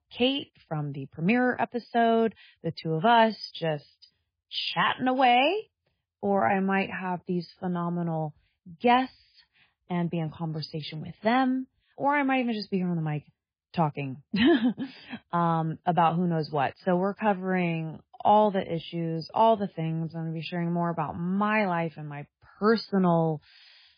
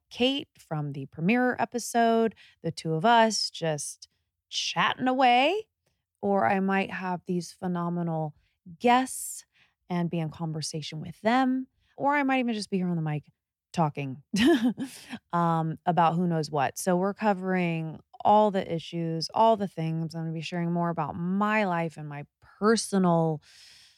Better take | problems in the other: second | garbled, watery; badly; nothing above 5 kHz

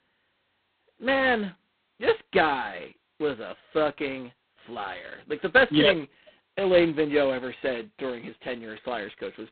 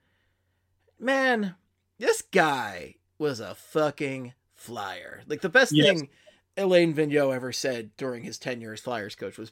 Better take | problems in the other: second | phone-call audio; poor line; nothing above 4 kHz

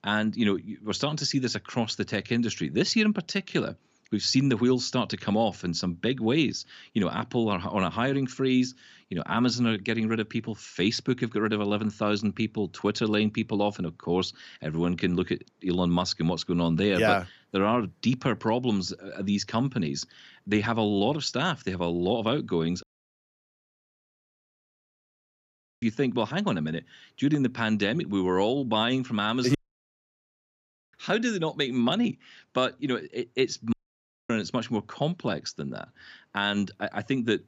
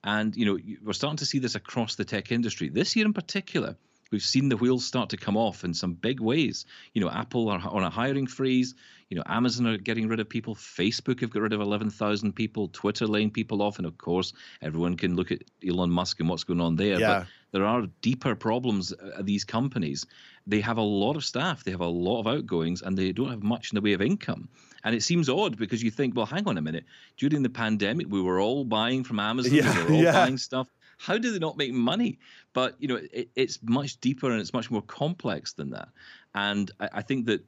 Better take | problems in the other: second | audio cutting out; at 23 s for 3 s, at 30 s for 1.5 s and at 34 s for 0.5 s

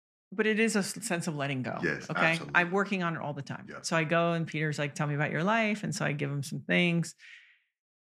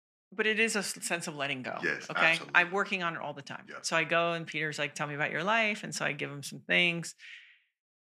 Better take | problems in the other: first | thin; somewhat; fading below 950 Hz

